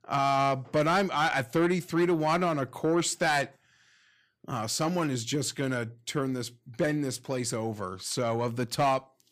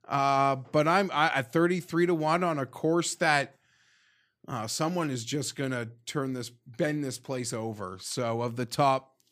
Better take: second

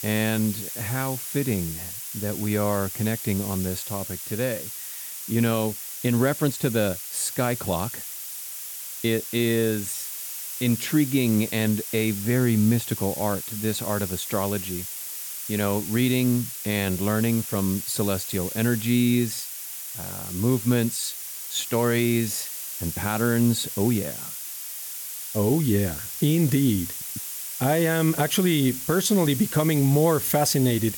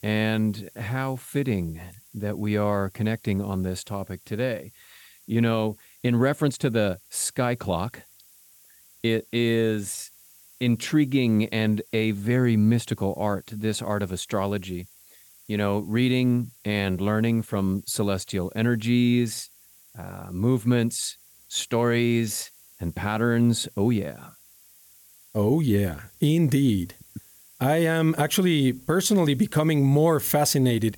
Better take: second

